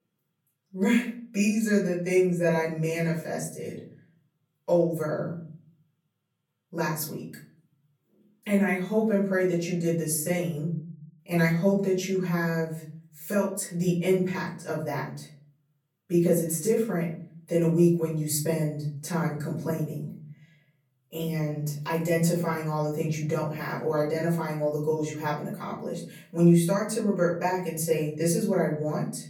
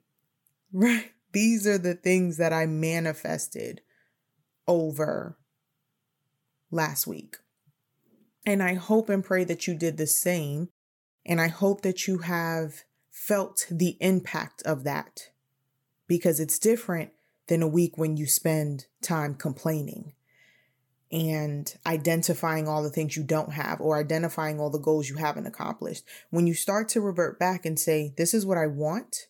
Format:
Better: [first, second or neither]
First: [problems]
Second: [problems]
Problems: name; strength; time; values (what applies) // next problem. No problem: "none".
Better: second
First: off-mic speech; far // room echo; slight; dies away in 0.7 s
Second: none